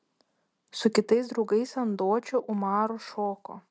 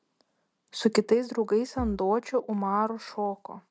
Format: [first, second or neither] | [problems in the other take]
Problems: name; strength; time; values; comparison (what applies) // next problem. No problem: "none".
first | background sound (Bass drum); 11 dB below the speech